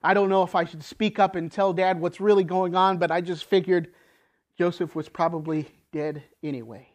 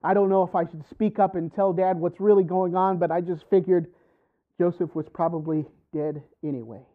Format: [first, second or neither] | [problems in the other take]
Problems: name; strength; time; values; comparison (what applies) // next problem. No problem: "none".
first | muffled; very; fading above 1.5 kHz